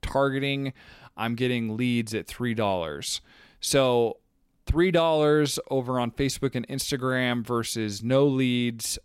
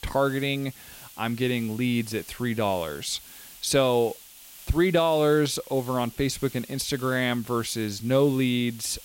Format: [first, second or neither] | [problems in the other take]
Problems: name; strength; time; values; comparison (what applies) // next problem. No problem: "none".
first | hiss; noticeable; throughout; 20 dB below the speech